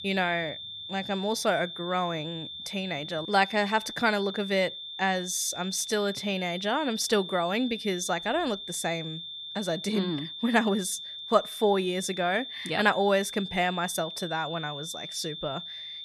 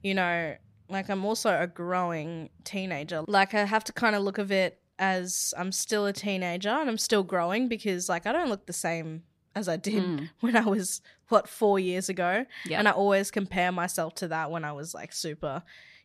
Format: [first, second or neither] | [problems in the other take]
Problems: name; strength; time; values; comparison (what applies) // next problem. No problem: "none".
second | high-pitched whine; loud; throughout; 3.5 kHz, 9 dB below the speech